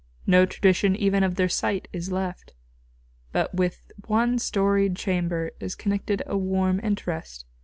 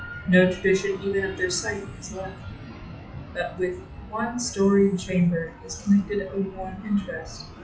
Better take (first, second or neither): first